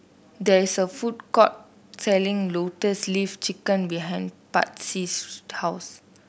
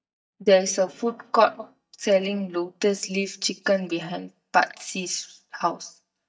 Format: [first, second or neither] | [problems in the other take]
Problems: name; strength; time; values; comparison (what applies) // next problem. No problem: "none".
first | noise reduction (neural mask model DeepFilterNet 3)